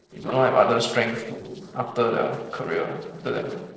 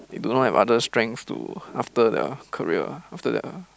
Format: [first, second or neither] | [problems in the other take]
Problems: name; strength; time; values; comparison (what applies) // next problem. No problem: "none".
second | noise reduction (neural separator model SepFormer DNS4)